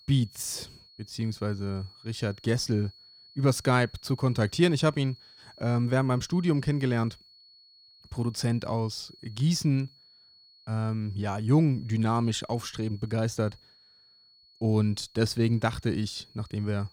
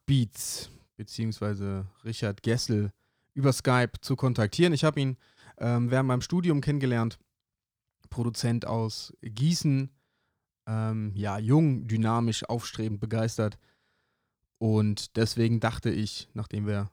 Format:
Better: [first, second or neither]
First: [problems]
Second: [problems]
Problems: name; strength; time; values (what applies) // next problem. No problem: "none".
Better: second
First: high-pitched whine; faint; throughout; 4.5 kHz, 25 dB below the speech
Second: none